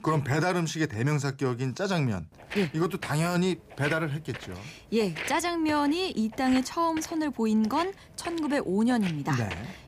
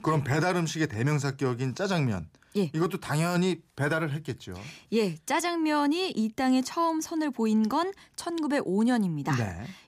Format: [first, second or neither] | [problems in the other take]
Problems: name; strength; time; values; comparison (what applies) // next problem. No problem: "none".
second | footsteps; noticeable; from 2.5 s on; peak 7 dB below the speech